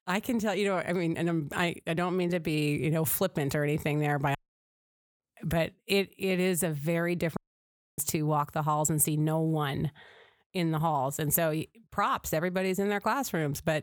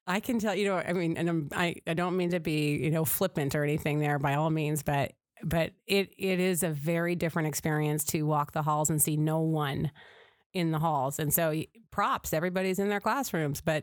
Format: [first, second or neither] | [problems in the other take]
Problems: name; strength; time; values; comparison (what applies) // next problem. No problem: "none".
second | audio cutting out; at 4.5 s for 1 s and at 7.5 s for 0.5 s